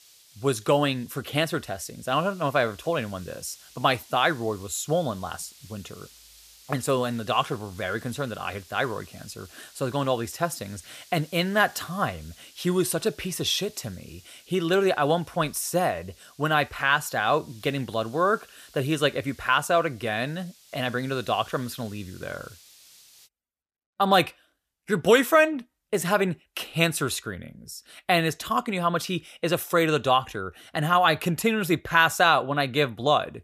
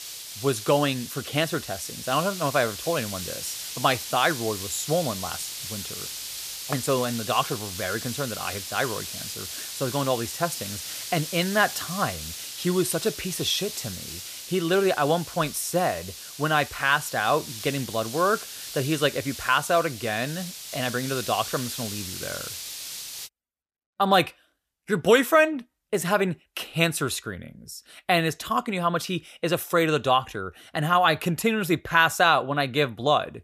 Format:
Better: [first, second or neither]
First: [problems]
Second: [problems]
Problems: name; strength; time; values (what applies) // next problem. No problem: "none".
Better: first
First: hiss; faint; until 23 s; 25 dB below the speech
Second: hiss; loud; until 23 s; 9 dB below the speech